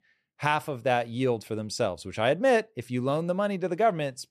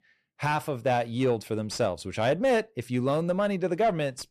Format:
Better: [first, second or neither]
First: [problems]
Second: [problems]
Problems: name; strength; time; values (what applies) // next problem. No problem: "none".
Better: first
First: none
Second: distortion; slight; 10 dB below the speech